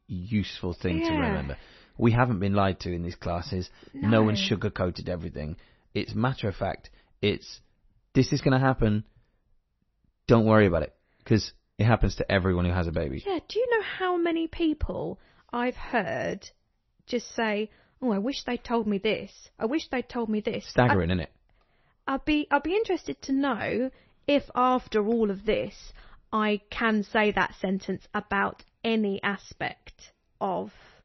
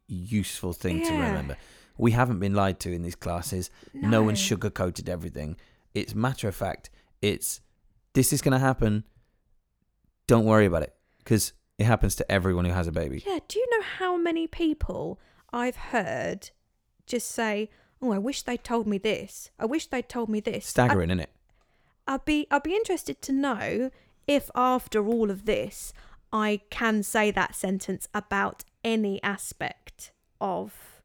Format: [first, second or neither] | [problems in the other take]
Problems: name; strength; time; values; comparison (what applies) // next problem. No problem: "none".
second | garbled, watery; slightly; nothing above 6 kHz